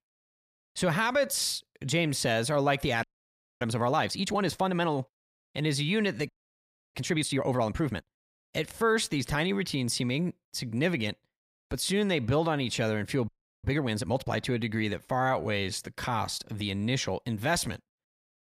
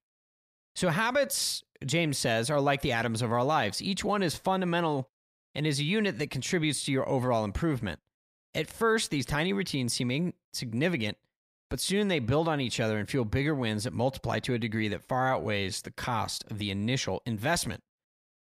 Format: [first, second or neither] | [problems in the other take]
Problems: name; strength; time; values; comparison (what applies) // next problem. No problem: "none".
second | audio freezing; at 3 s for 0.5 s, at 6.5 s for 0.5 s and at 13 s